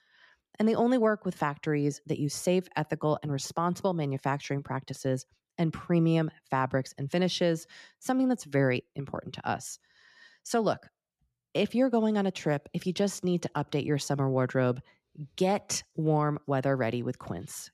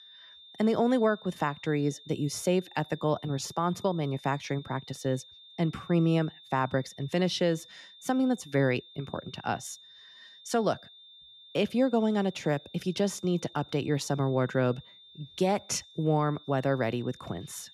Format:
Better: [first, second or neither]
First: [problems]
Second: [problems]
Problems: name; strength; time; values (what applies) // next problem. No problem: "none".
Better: first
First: none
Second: high-pitched whine; faint; throughout; 3.5 kHz, 20 dB below the speech